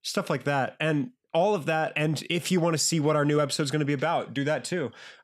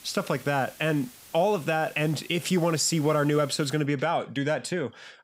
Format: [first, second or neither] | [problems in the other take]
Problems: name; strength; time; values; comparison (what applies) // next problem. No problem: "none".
first | hiss; faint; until 4 s; 20 dB below the speech